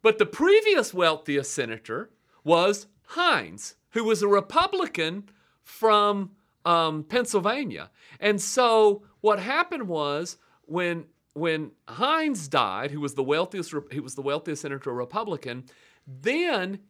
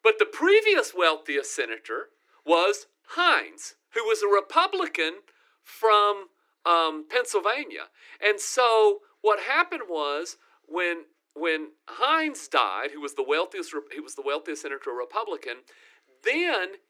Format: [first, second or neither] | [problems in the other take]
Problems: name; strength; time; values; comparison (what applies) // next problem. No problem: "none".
first | thin; very; fading below 300 Hz